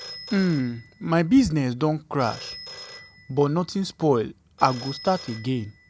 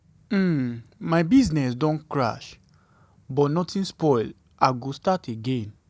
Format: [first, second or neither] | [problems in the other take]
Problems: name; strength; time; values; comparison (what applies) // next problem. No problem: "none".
second | background sound (Telephone); 18 dB below the speech